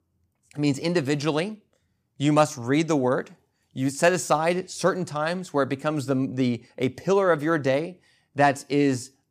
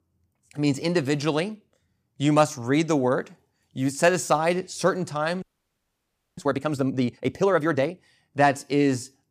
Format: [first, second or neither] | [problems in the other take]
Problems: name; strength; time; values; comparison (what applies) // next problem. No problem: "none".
first | audio freezing; at 5.5 s for 1 s